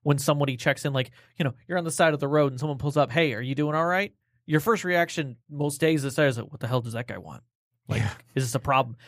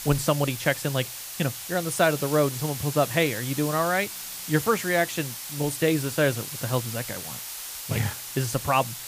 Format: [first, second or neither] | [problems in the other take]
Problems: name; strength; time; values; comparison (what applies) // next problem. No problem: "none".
first | hiss; loud; throughout; 7 dB below the speech